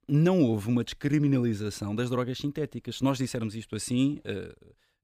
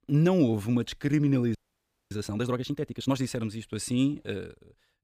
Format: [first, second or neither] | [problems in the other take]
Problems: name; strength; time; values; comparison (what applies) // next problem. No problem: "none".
first | audio freezing; at 1.5 s for 0.5 s